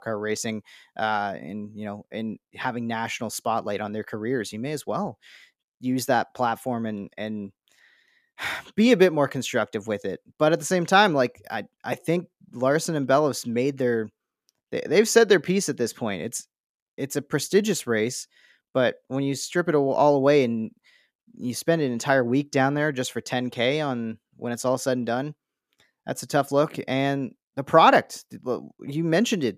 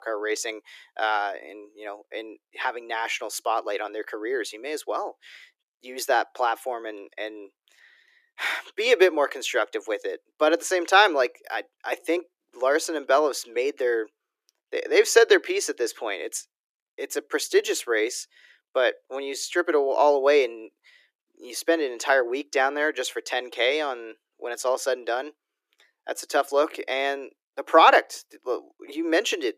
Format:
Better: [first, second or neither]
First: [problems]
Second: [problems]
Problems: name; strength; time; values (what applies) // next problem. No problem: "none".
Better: first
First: none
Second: thin; very; fading below 300 Hz